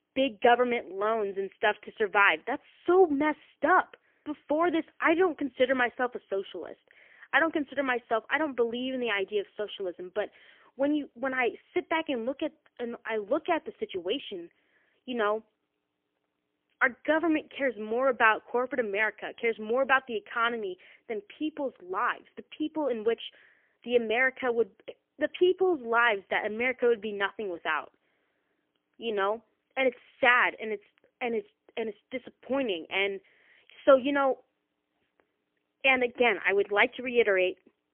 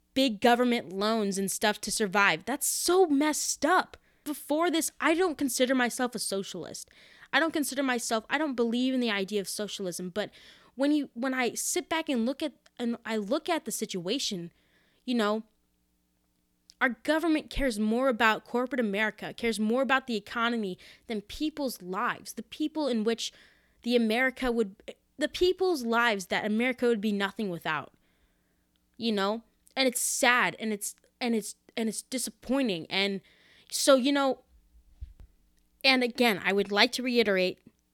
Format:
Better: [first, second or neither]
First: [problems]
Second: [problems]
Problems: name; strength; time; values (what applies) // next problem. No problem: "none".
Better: second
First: phone-call audio; poor line; nothing above 3 kHz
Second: none